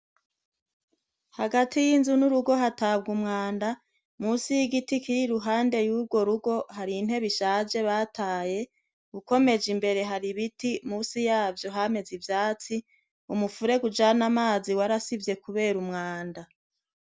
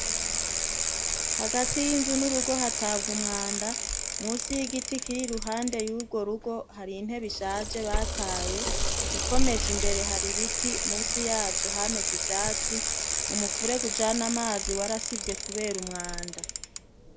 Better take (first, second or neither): first